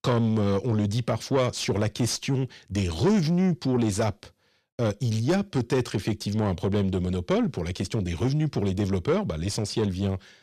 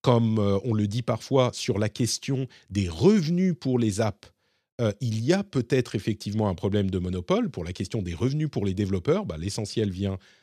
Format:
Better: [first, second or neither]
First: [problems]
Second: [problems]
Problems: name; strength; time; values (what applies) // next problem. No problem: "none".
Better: second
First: distortion; slight; 10 dB below the speech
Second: none